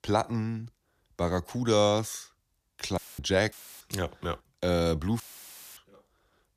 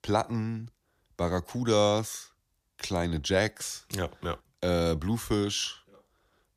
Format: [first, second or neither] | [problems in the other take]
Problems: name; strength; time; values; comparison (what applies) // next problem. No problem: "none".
second | audio cutting out; filled with static; at 3 s, at 3.5 s and at 5 s for 0.5 s